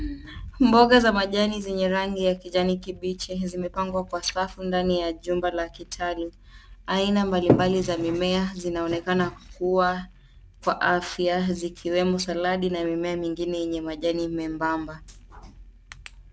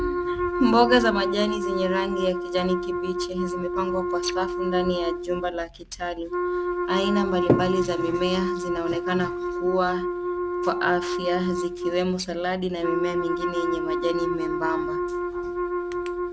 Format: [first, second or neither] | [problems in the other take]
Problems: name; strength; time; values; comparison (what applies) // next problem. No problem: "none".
first | background sound (Wind instrument, woodwind instrument); 1 dB below the speech